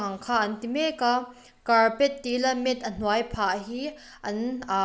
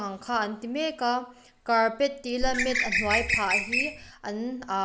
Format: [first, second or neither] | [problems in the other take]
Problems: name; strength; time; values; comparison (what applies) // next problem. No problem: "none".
first | background sound (Bird); 2 dB above the speech